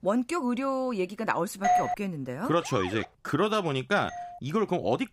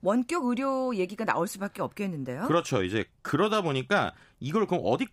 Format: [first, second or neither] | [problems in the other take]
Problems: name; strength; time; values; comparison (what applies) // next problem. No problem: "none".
second | doorbell; loud; at 1.5 s; peak 4 dB above the speech // siren; noticeable; at 2.5 s; peak 7 dB below the speech // doorbell; faint; at 4 s; peak 10 dB below the speech